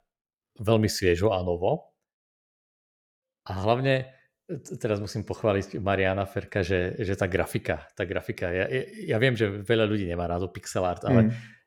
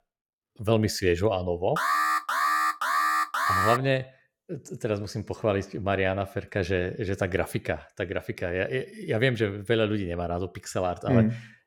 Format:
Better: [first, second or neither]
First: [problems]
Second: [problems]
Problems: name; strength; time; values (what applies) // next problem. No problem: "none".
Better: first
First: none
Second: alarm; loud; from 2 to 4 s; peak 4 dB above the speech